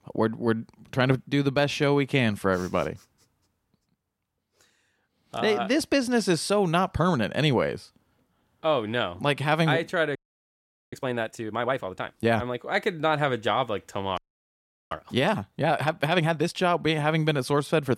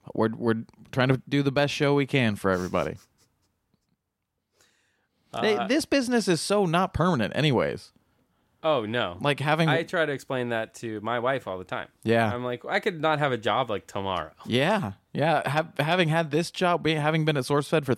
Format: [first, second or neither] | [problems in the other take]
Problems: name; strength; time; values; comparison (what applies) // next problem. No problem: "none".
second | audio freezing; at 10 s for 1 s and at 14 s for 0.5 s